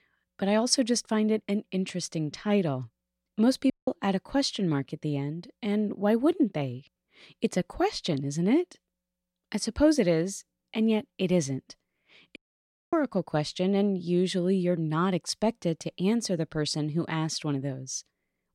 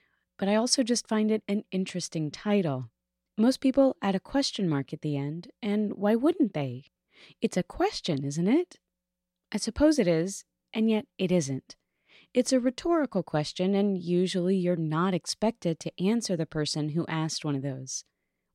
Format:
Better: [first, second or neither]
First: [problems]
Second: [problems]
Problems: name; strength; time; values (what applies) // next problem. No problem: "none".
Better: second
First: audio cutting out; at 3.5 s and at 12 s for 0.5 s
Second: none